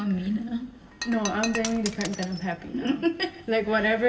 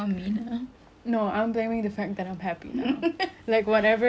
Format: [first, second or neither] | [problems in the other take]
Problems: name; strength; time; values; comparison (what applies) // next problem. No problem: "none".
second | background sound (Shatter); 11 dB below the speech // room echo; dies away in 1 s